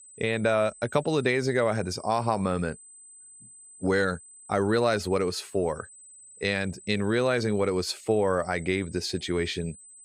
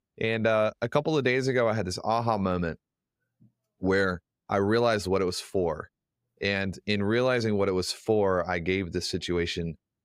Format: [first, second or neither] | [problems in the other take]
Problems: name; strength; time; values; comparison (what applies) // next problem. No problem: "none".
second | high-pitched whine; noticeable; throughout; 8 kHz, 20 dB below the speech